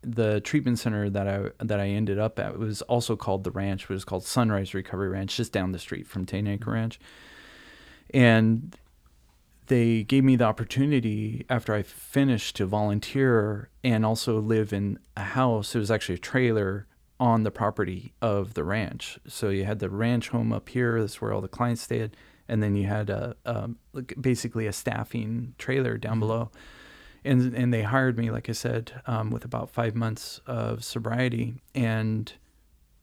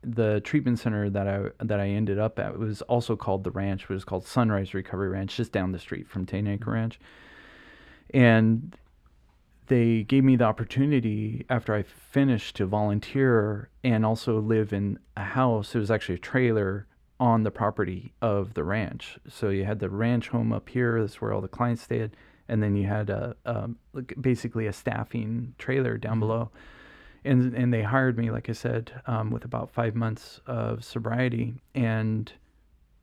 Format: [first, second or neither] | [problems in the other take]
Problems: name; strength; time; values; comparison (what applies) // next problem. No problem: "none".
first | muffled; slightly; fading above 4 kHz